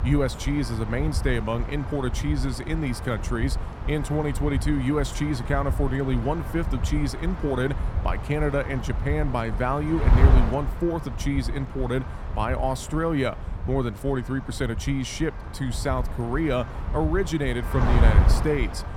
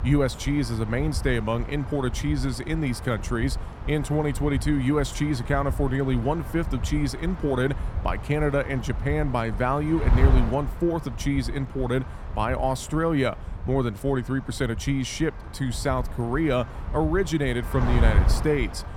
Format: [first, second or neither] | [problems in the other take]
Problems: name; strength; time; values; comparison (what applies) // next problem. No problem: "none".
second | wind noise on the microphone; heavy; 8 dB below the speech; occasional gusts in the second